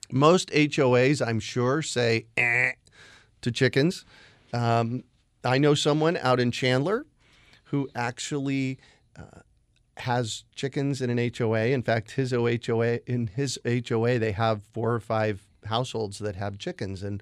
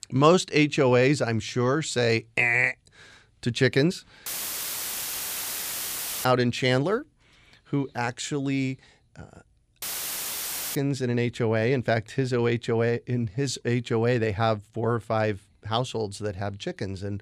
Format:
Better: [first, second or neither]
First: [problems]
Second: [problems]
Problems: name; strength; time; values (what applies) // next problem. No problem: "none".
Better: first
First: none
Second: audio cutting out; filled with static; at 4.5 s for 2 s and at 10 s for 1 s